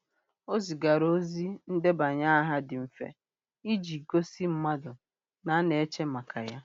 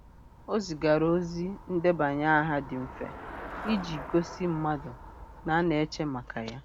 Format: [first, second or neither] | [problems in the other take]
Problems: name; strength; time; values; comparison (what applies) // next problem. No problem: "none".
first | background sound (Traffic noise, roadway noise / Bicycle); 14 dB below the speech